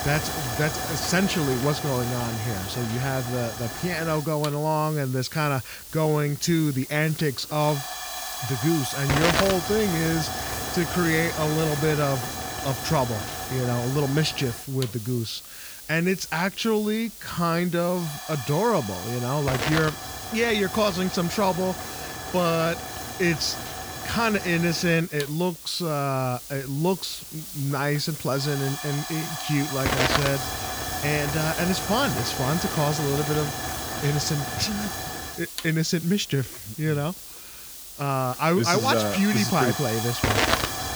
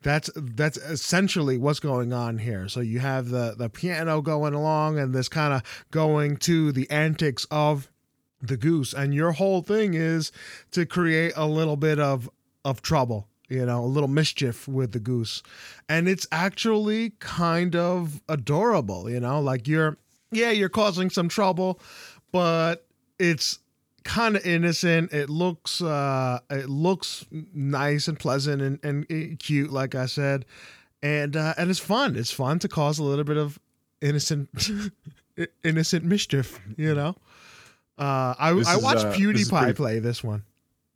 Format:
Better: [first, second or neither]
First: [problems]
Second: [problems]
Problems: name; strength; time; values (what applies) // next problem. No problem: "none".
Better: second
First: hiss; loud; throughout; 5 dB below the speech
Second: none